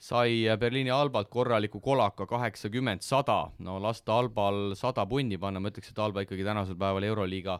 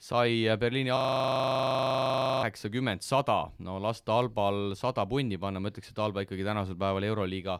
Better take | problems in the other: first | audio freezing; at 1 s for 1.5 s

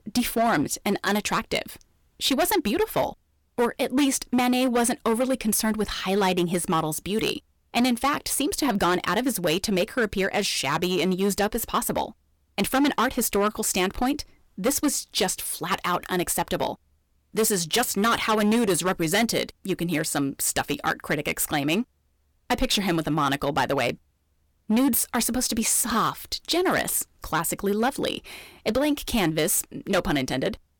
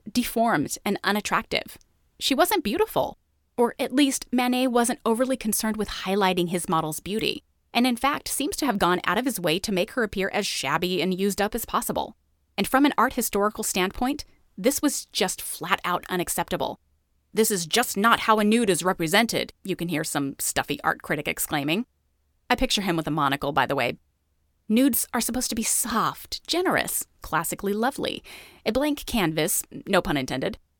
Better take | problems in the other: second | distortion; slight; 7% of the sound clipped

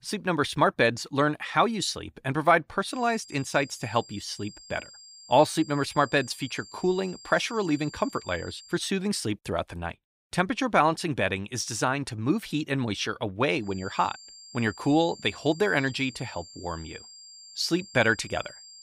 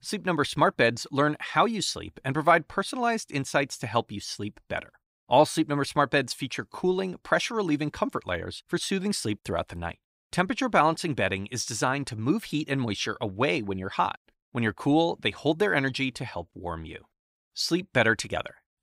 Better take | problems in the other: second | high-pitched whine; noticeable; from 3 to 8.5 s and from 14 s on; 5 kHz, 20 dB below the speech

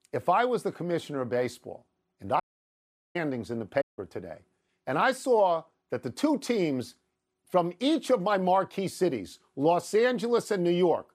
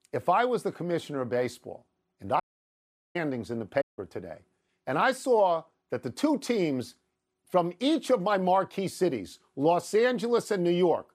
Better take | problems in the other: neither | audio cutting out; at 2.5 s for 1 s and at 4 s; the same in both

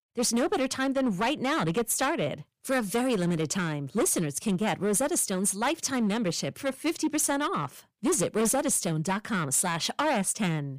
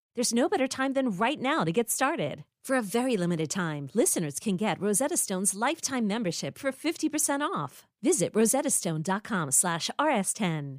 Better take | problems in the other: second | distortion; slight; 12% of the sound clipped

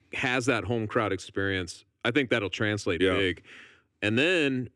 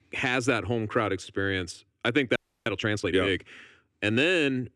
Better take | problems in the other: first | audio freezing; at 2.5 s

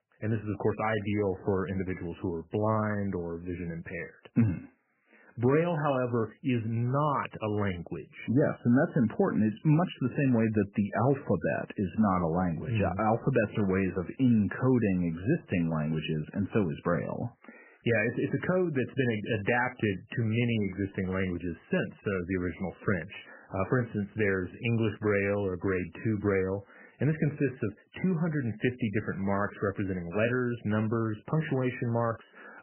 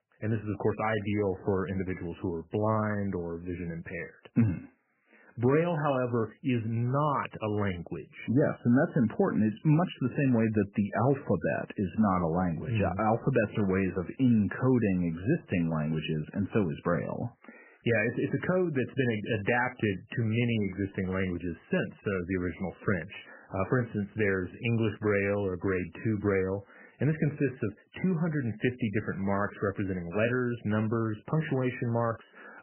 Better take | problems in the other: neither | garbled, watery; badly; nothing above 3 kHz; the same in both

